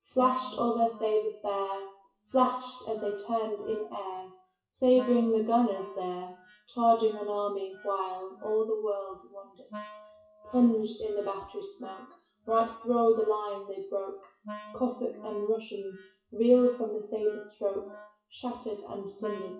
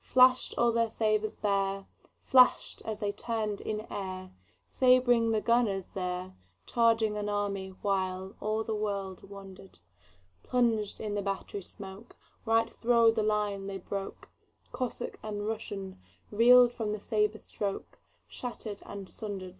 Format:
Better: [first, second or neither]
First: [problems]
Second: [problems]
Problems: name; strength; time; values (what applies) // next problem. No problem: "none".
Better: second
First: noise reduction (classical method WPE with log-MMSE)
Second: none